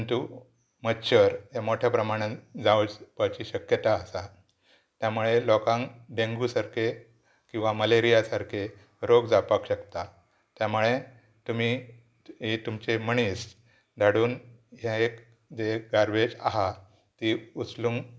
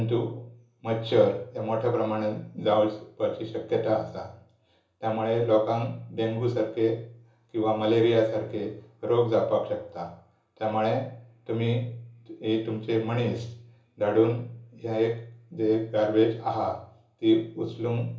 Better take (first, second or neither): first